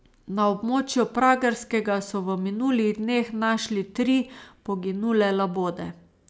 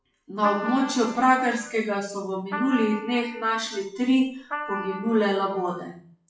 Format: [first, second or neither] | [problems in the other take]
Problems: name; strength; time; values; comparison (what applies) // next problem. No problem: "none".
first | noise reduction (classical method WPE with log-MMSE)